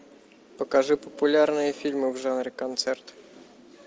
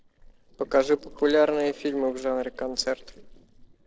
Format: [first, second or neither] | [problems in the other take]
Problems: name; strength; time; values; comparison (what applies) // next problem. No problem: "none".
first | noise reduction (neural separator model SepFormer DNS4)